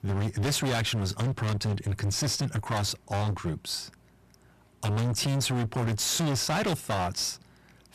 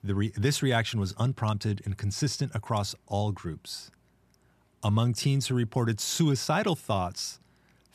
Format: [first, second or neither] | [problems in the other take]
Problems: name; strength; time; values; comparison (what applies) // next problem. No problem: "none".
second | distortion; heavy; 28% of the sound clipped